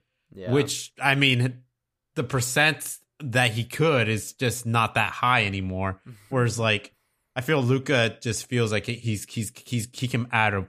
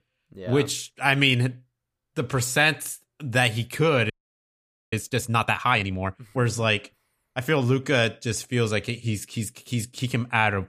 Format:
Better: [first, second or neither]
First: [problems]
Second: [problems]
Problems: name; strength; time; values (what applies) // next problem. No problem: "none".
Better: first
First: none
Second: audio freezing; at 4 s for 1 s